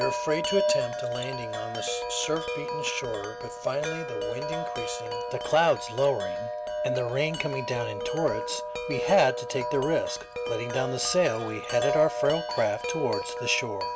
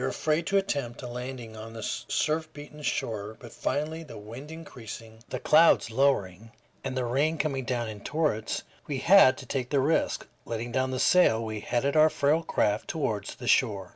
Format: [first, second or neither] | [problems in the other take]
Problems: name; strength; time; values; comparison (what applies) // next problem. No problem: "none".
second | background sound (Wind chime); 3 dB below the speech